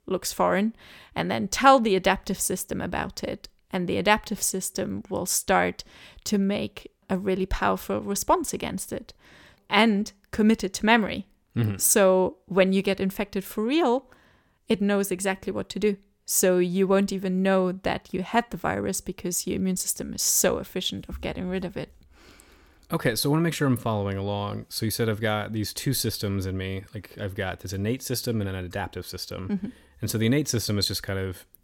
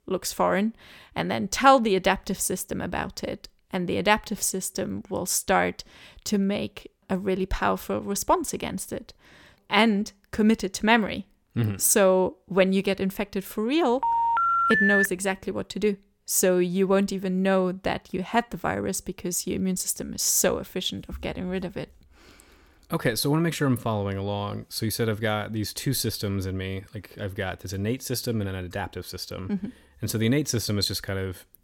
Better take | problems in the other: first | phone ringing; loud; from 14 to 15 s; peak 5 dB above the speech

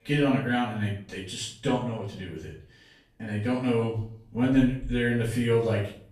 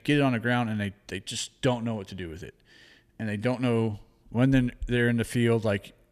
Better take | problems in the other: second | off-mic speech; far // room echo; noticeable; dies away in 0.4 s

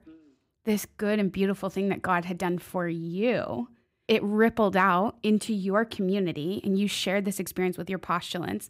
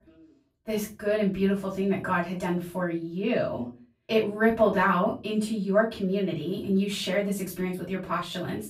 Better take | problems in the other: first | off-mic speech; far // room echo; slight; dies away in 0.3 s

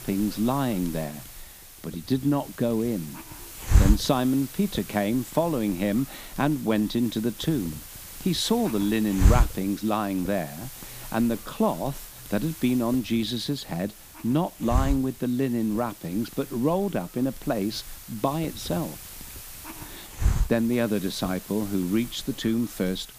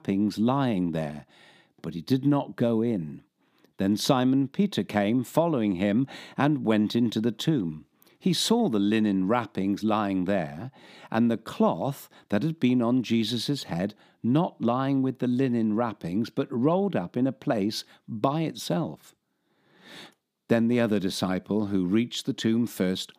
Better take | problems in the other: second | hiss; loud; throughout; 7 dB below the speech

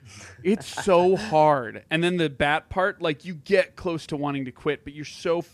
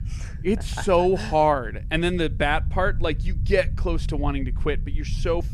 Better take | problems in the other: first | low rumble; faint; throughout; 25 dB below the speech

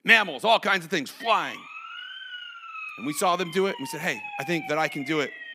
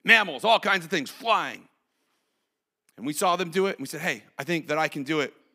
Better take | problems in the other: second | siren; faint; from 1 s on; peak 10 dB below the speech

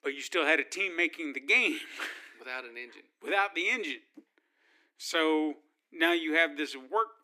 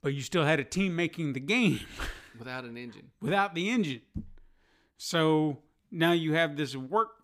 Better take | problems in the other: second | thin; somewhat; fading below 300 Hz

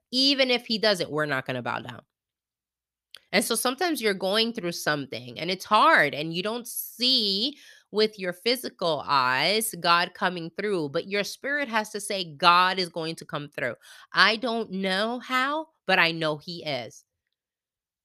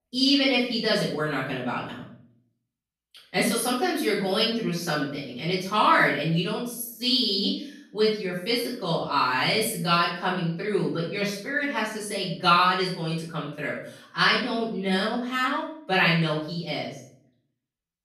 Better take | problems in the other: first | off-mic speech; far // room echo; noticeable; dies away in 0.5 s

